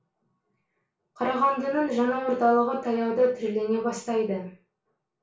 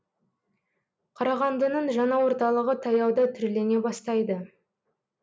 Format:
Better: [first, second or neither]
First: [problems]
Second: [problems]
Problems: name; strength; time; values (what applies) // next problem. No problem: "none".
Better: second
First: room echo; dies away in 0.3 s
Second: none